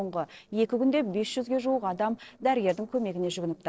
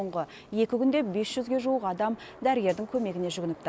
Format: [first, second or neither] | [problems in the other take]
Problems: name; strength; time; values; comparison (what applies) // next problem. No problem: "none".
second | noise reduction (neural separator model SepFormer DNS4)